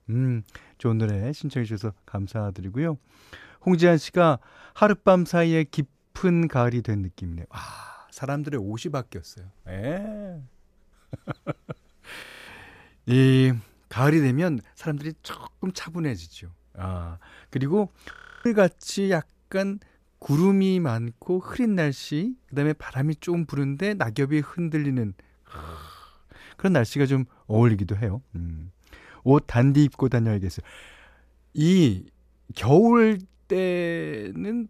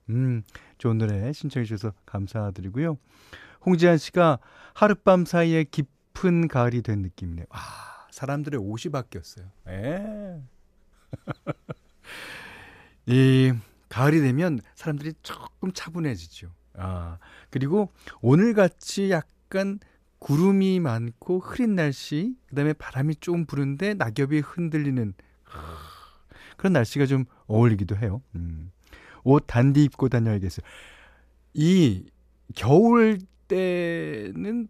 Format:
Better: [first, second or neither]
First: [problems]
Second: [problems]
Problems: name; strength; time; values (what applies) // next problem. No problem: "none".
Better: second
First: audio freezing; at 12 s and at 18 s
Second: none